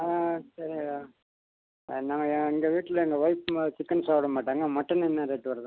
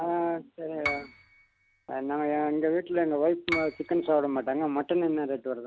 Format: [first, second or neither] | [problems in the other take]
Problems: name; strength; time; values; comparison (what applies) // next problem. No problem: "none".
first | background sound (Piano); 11 dB below the speech